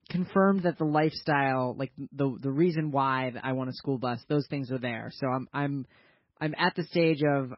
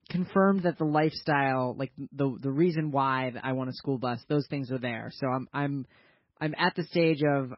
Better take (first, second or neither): neither